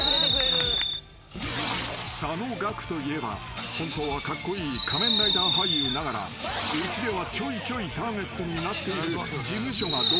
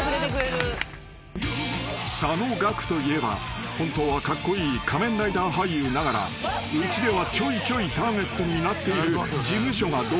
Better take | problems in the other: second | background sound (Fireworks); 2 dB above the speech

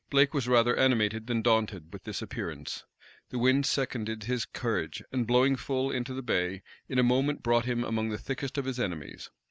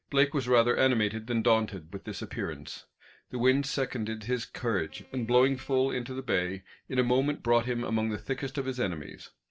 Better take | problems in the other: first | noise reduction (neural separator model SepFormer DNS4)

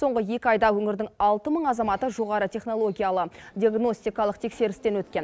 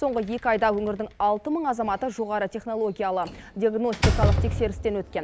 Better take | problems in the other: first | background sound (Slam); 4 dB below the speech

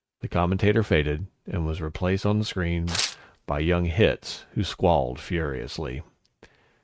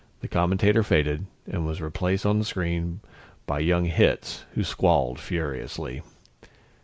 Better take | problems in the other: second | noise reduction (neural mask model RNNoise)

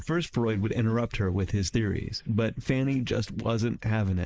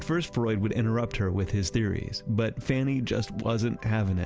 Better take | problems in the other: second | noise reduction (neural mask model Resemble Enhance denoiser)

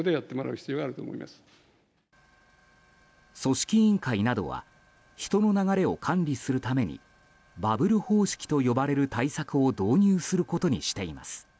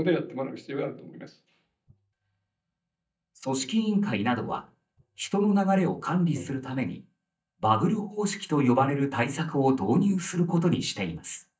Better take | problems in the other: first | noise reduction (neural mask model DeepFilterNet 3)

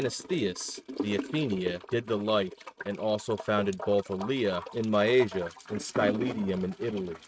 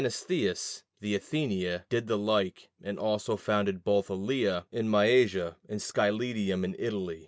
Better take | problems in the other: second | noise reduction (neural mask model RNNoise)

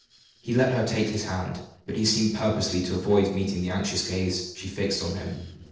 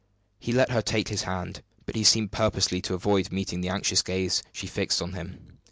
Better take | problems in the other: second | noise reduction (neural separator model SepFormer DNS4)

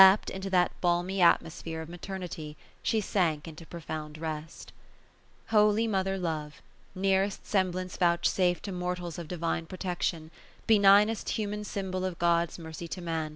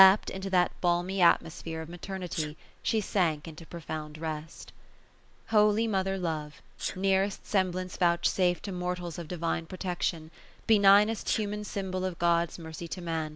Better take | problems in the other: first | background sound (Sneeze); 20 dB below the speech

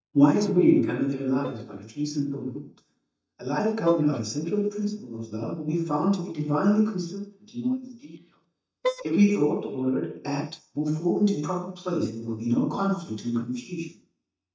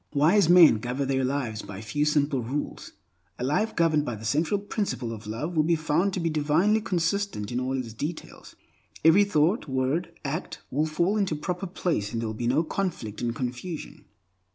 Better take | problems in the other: second | noise reduction (neural mask model DeepFilterNet 3)

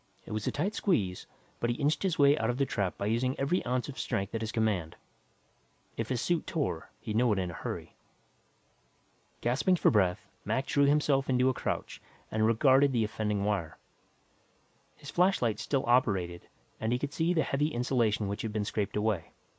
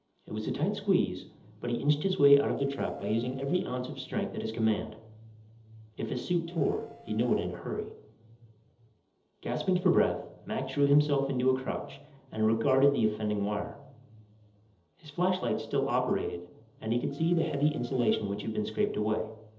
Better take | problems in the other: first | noise reduction (neural separator model SepFormer DNS4)

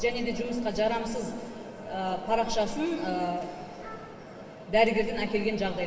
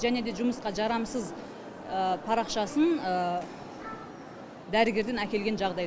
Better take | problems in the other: second | room echo; dies away in 1.9 s

